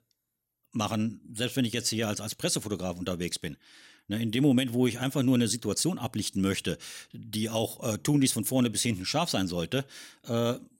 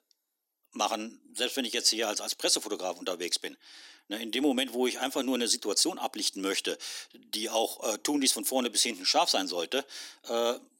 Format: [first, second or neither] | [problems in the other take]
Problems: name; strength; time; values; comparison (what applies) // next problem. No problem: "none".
first | thin; somewhat; fading below 300 Hz